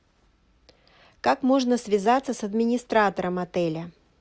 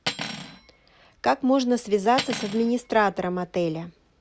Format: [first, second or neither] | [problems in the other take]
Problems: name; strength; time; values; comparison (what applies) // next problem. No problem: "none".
first | background sound (Cutlery, silverware); 12 dB below the speech